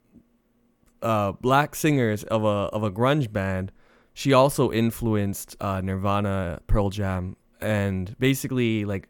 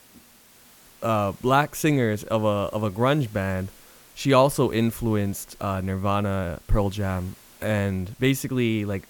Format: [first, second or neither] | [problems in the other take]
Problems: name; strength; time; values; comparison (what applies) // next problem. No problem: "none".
first | hiss; faint; throughout; 25 dB below the speech